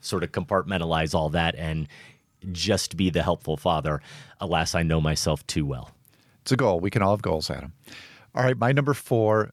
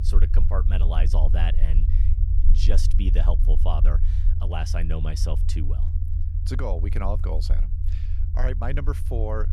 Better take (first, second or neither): first